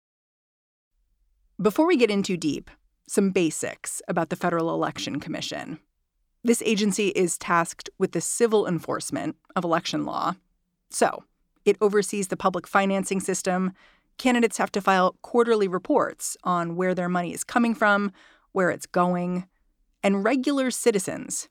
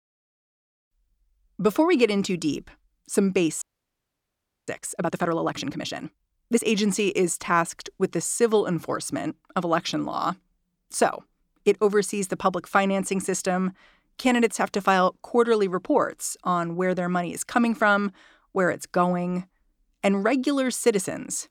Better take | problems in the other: first | audio freezing; at 3.5 s for 1 s

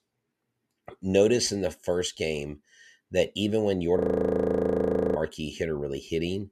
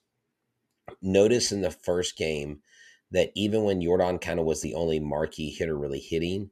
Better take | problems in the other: second | audio freezing; at 4 s for 1 s

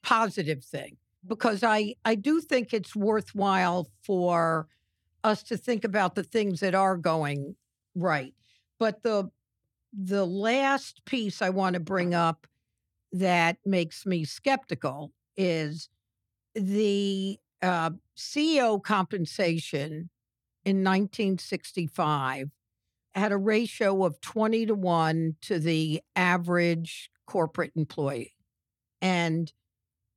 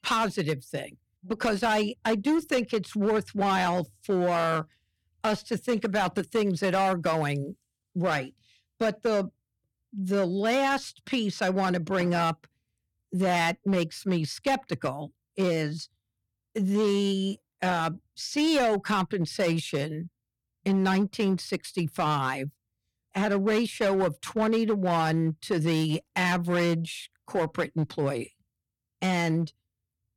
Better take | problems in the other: first | distortion; slight; 8% of the sound clipped

